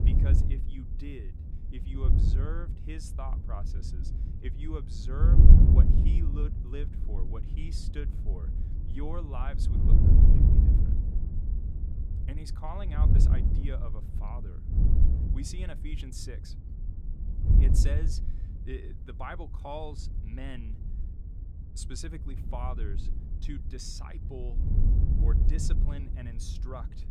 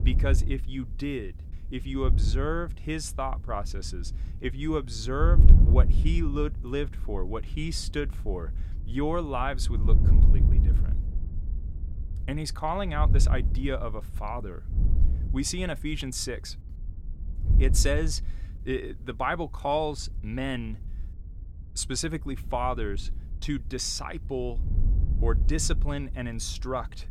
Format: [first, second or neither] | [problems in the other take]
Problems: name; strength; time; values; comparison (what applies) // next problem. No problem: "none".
second | wind noise on the microphone; heavy; 1 dB above the speech; occasional gusts in the second